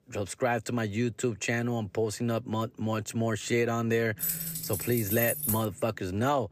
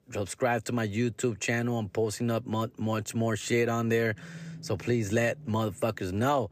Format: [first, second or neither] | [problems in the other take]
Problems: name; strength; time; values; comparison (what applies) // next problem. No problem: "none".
second | jangling keys; loud; from 4 to 5.5 s; peak 1 dB above the speech